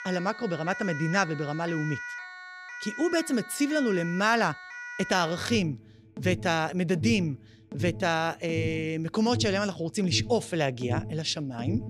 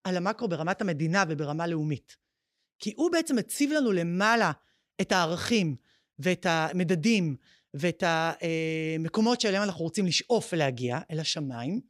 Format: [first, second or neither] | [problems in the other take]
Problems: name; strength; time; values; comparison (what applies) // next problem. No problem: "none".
second | alarms or sirens; loud; throughout; 10 dB below the speech